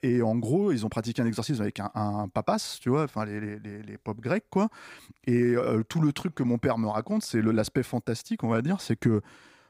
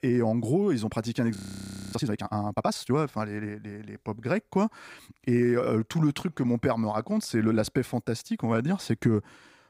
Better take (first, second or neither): first